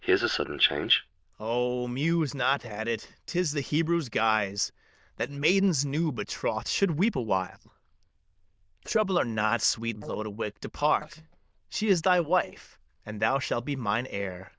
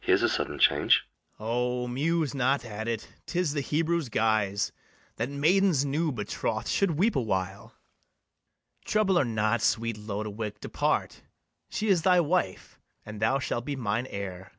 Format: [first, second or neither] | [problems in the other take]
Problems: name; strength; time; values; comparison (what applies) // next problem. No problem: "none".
second | noise reduction (neural diffusion model UNIVERSE++)